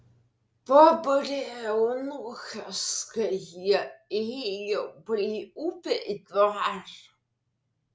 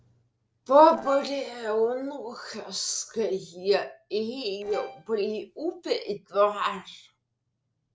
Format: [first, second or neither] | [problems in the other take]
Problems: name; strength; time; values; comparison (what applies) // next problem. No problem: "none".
first | noise reduction (neural separator model SepFormer DNS4)